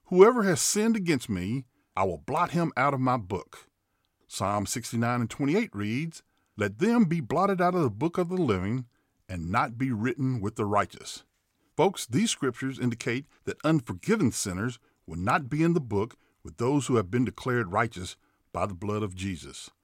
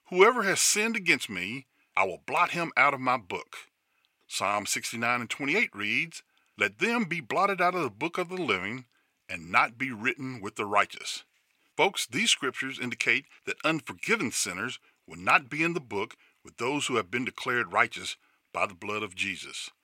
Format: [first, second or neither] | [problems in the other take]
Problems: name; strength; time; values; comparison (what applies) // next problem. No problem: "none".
first | thin; somewhat; fading below 650 Hz